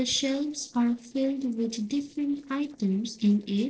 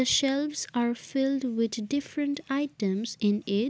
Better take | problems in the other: second | noise reduction (neural separator model SepFormer DNS4)

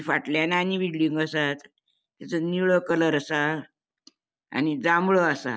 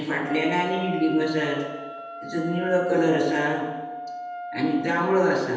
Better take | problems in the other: first | background sound (Wind instrument, woodwind instrument); 10 dB below the speech // room echo; dies away in 1.1 s

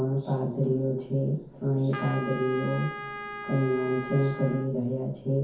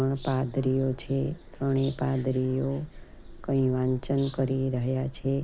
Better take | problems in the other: second | background sound (Trumpet); 11 dB below the speech // room echo; dies away in 0.6 s

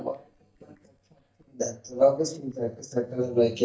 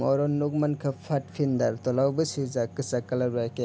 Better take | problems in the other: second | noise reduction (neural mask model DeepFilterNet 3)

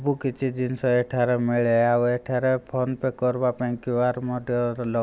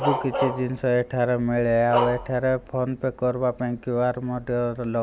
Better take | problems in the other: first | background sound (Bark); 8 dB below the speech

